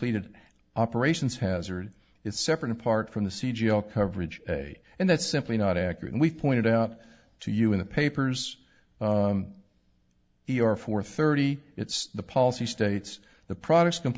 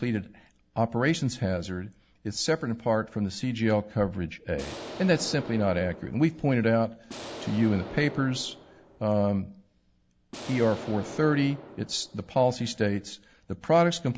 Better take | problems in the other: first | background sound (Explosion); 14 dB below the speech

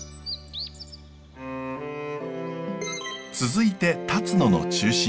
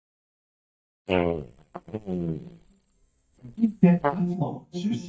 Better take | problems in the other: first | noise reduction (neural mask model DeepFilterNet 3)

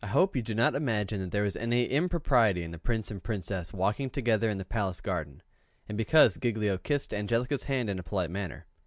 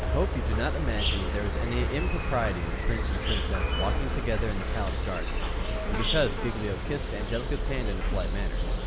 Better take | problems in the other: first | background sound (Insect); 4 dB above the speech

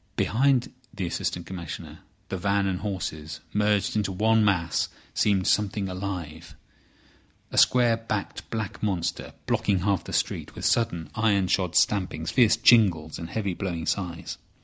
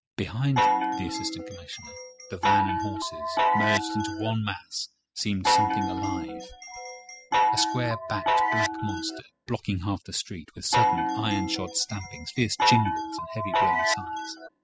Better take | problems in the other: first | noise reduction (classical method spectral subtraction)

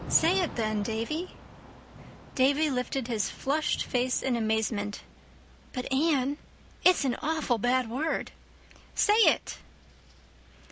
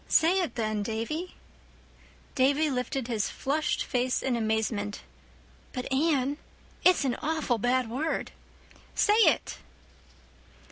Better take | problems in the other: second | background sound (Thunder / Rain); 18 dB below the speech

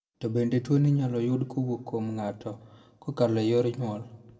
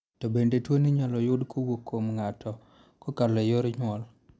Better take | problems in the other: second | room echo; dies away in 0.6 s

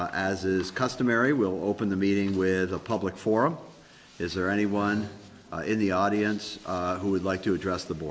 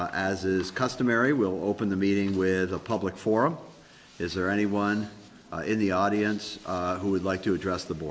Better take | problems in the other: second | background sound (Musical instrument); 20 dB below the speech

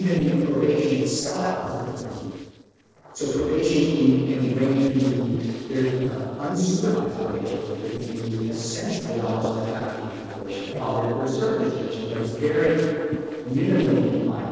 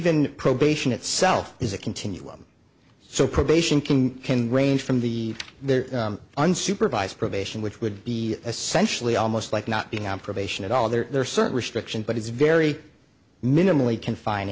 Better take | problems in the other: second | noise reduction (neural separator model SepFormer DNS4)

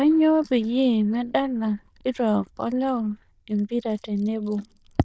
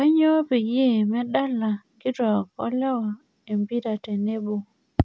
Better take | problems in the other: second | noise reduction (neural diffusion model UNIVERSE++)

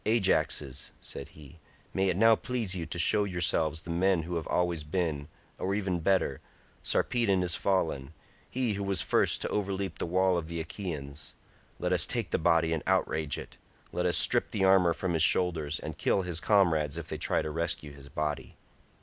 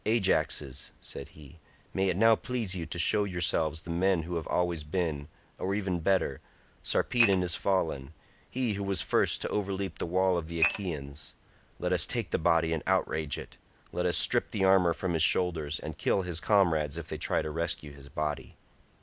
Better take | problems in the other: first | background sound (Dishes, pots, and pans / Glass); 1 dB below the speech

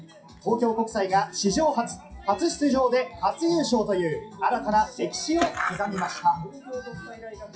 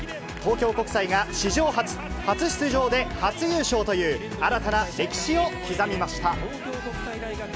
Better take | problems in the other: second | noise reduction (classical method WPE with log-MMSE)

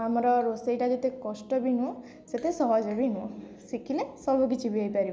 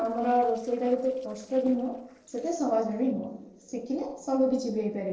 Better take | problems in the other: first | noise reduction (neural separator model SepFormer DNS4)

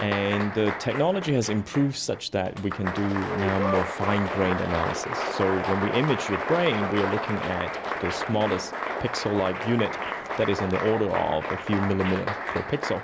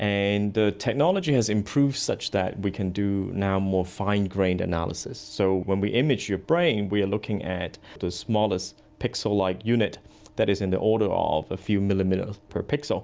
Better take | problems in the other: second | background sound (Applause); 4 dB below the speech

